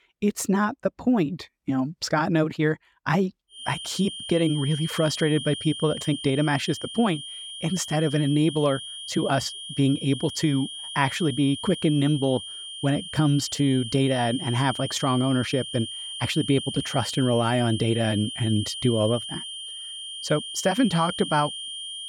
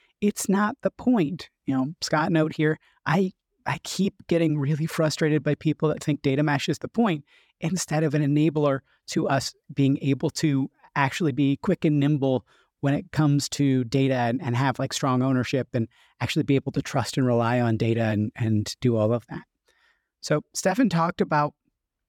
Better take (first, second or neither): second